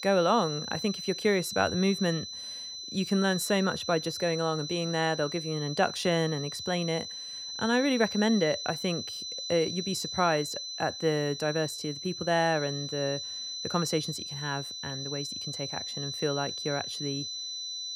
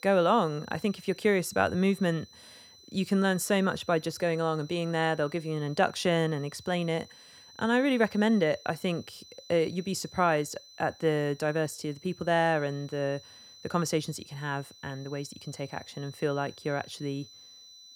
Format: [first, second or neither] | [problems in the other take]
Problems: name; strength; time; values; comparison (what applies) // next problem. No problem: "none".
second | high-pitched whine; loud; throughout; 4 kHz, 5 dB below the speech; faint in the second